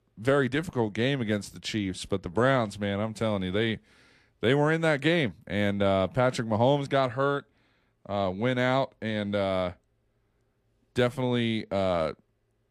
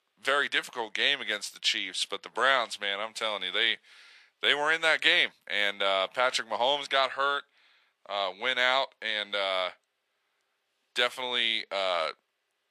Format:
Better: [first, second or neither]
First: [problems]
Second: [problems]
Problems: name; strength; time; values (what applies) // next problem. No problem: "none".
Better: first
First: none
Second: thin; very; fading below 850 Hz